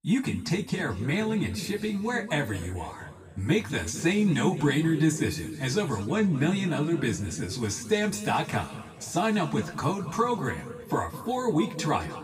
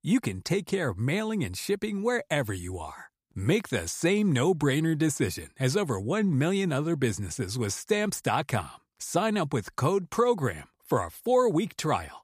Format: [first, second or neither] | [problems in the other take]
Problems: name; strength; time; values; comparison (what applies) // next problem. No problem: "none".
second | room echo; slight; dies away in 1.8 s // off-mic speech; somewhat distant